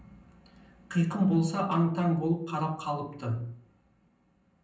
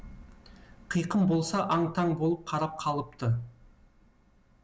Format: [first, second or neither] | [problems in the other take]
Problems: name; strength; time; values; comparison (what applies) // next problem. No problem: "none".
second | room echo; dies away in 0.6 s